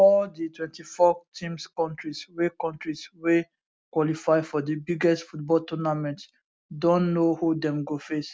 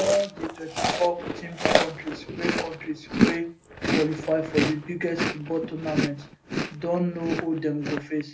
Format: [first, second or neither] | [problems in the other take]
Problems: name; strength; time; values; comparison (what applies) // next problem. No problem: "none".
first | background sound (Chewing, mastication); as loud as the speech // room echo; dies away in 0.3 s